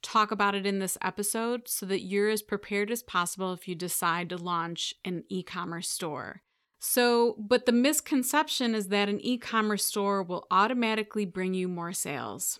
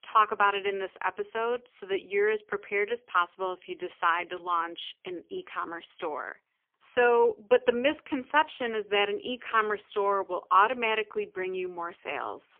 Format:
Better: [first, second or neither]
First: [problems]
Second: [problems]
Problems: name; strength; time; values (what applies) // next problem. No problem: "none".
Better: first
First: none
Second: phone-call audio; poor line; nothing above 3 kHz